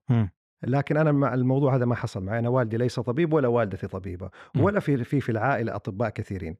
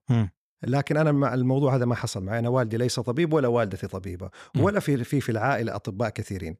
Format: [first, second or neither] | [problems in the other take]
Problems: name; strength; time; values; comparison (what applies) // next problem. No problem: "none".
second | muffled; slightly; fading above 4 kHz